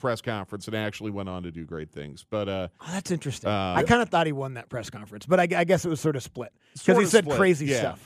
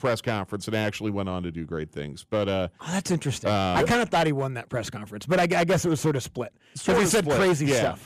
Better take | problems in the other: first | distortion; heavy; 9% of the sound clipped

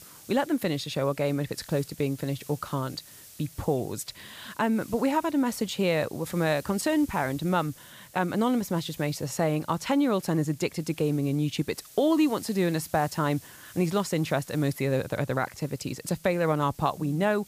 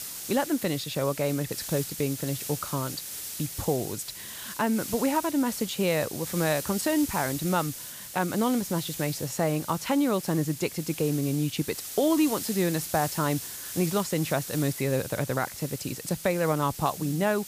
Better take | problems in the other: first | hiss; loud; throughout; 8 dB below the speech; faint in the first

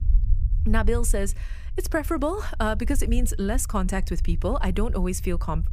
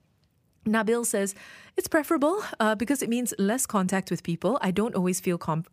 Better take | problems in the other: second | low rumble; faint; throughout; 20 dB below the speech

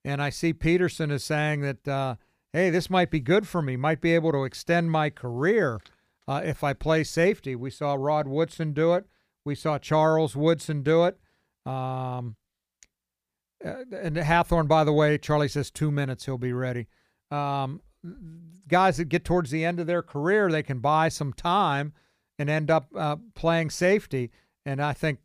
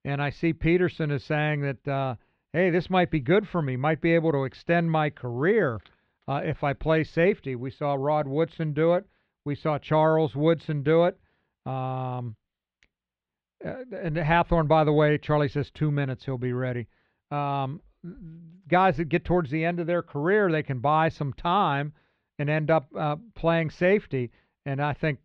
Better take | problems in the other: first | muffled; slightly; fading above 3.5 kHz

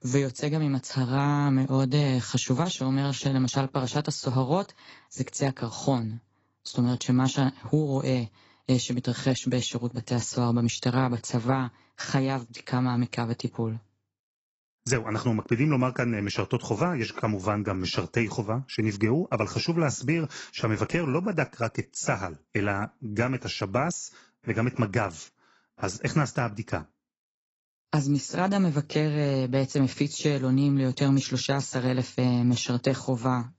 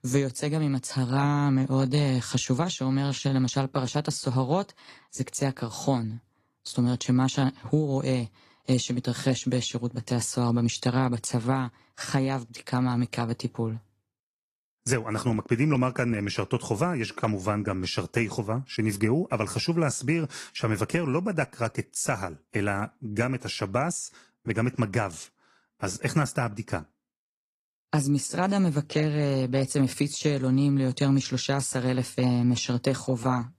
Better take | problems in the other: second | garbled, watery; badly; nothing above 8 kHz; slightly in the second

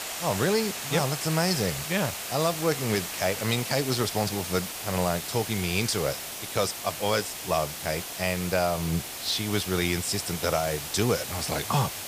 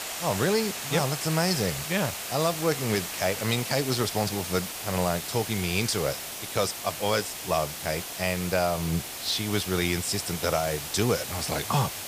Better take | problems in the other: neither | hiss; loud; throughout; 5 dB below the speech; the same in both

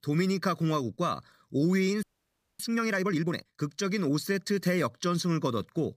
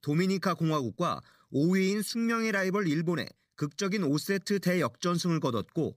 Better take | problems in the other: second | audio freezing; at 2 s for 0.5 s

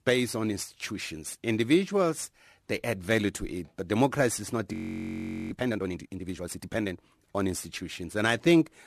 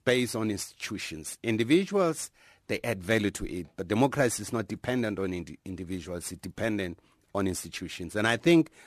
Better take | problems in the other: second | audio freezing; at 4.5 s for 1 s

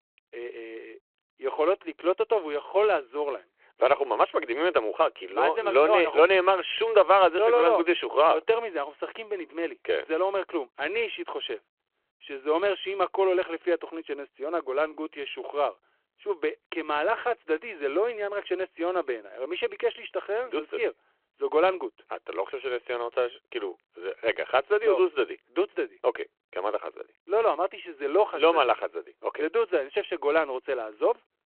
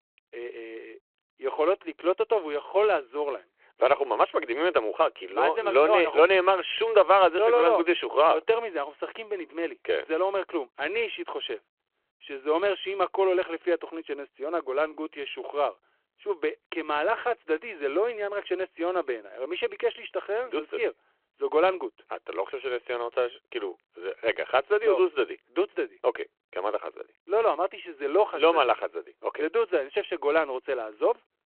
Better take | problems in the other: neither | phone-call audio; the same in both

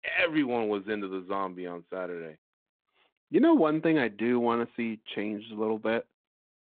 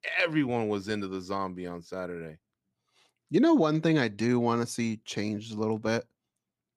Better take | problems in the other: second | phone-call audio; nothing above 3.5 kHz

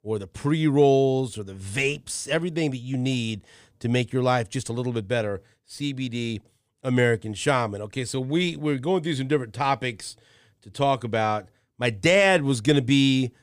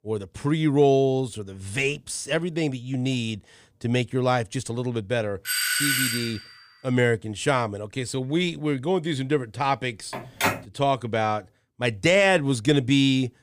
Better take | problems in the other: first | doorbell; loud; at 5.5 s; peak 3 dB above the speech // phone ringing; noticeable; at 10 s; peak 1 dB below the speech

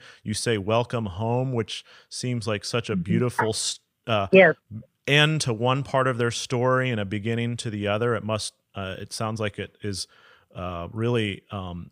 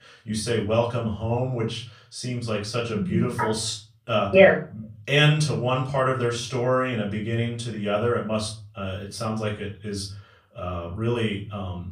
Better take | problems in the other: first | off-mic speech; far // room echo; slight; dies away in 0.4 s

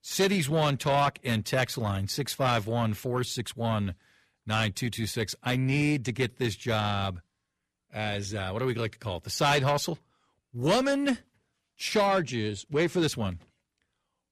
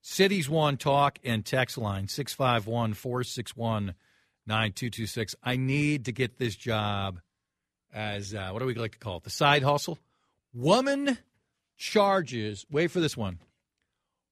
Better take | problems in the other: second | distortion; slight; 10 dB below the speech

